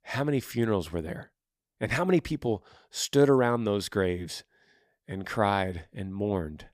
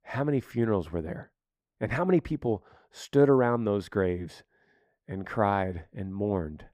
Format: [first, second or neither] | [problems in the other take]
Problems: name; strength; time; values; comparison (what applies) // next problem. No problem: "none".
first | muffled; slightly; fading above 2.5 kHz